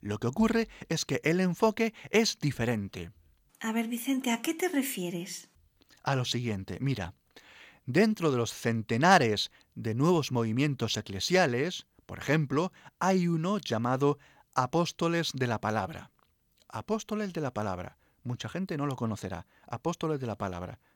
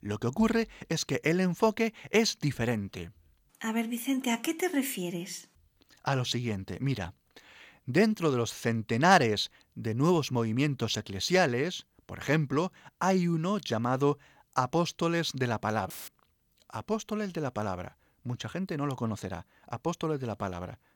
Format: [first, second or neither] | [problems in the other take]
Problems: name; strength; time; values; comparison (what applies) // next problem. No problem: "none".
first | audio cutting out; filled with static; at 16 s